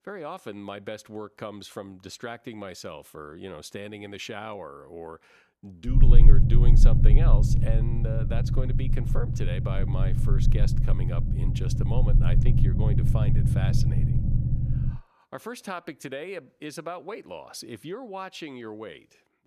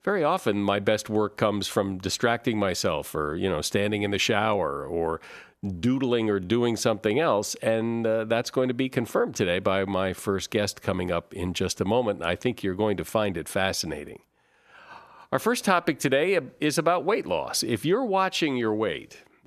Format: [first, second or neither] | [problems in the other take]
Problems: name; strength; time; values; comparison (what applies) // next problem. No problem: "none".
second | low rumble; loud; from 6 to 15 s; as loud as the speech